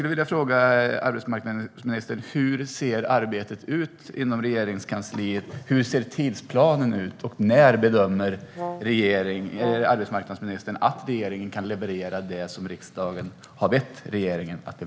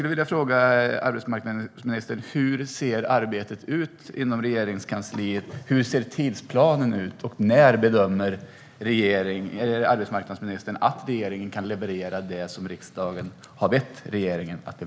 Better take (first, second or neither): second